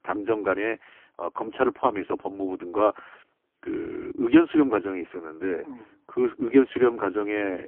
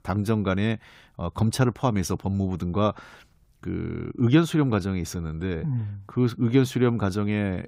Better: second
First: phone-call audio; poor line; nothing above 3 kHz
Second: none

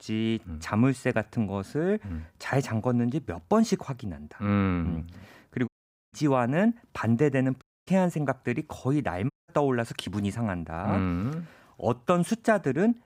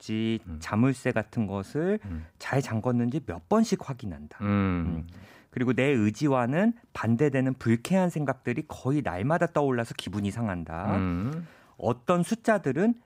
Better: second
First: audio cutting out; at 5.5 s, at 7.5 s and at 9.5 s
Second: none

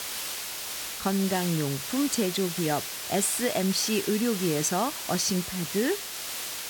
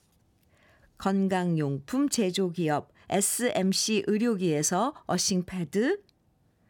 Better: second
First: hiss; loud; throughout; 4 dB below the speech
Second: none

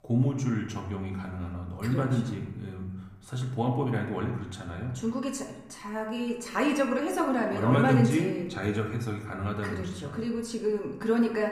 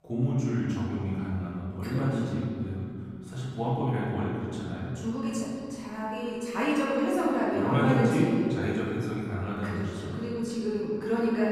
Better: first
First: room echo; slight; dies away in 0.8 s // off-mic speech; somewhat distant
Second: room echo; strong; dies away in 2.2 s // off-mic speech; far

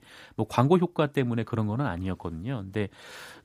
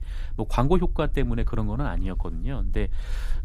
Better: first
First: none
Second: low rumble; faint; throughout; 25 dB below the speech

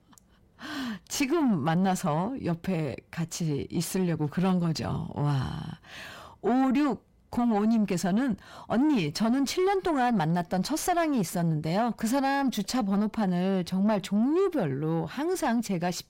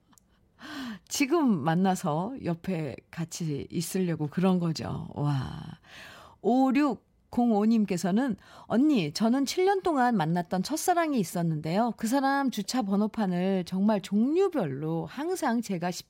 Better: second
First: distortion; slight; 10 dB below the speech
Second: none

